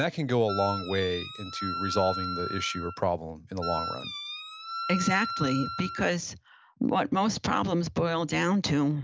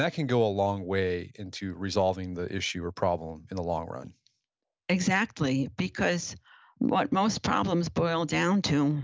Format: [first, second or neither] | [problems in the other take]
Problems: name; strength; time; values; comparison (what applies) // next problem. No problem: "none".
second | background sound (Wind instrument, woodwind instrument); 7 dB below the speech